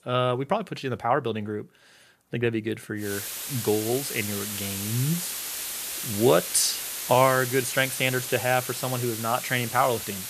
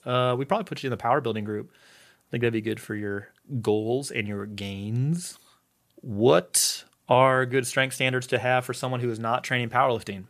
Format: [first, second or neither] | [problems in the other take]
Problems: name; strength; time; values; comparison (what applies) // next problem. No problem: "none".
second | hiss; loud; from 3 s on; 5 dB below the speech